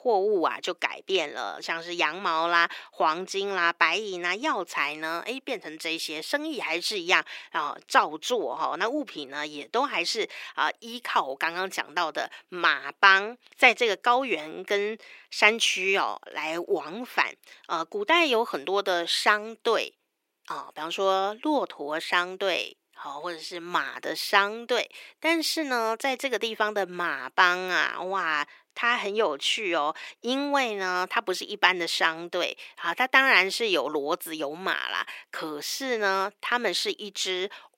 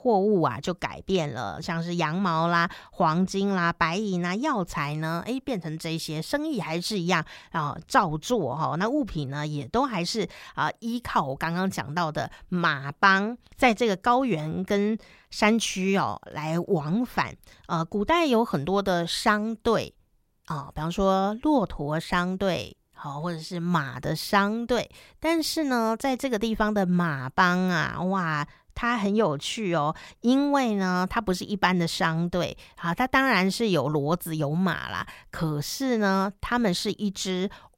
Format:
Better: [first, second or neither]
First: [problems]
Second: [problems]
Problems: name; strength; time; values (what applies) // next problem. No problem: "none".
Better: second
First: thin; somewhat; fading below 350 Hz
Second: none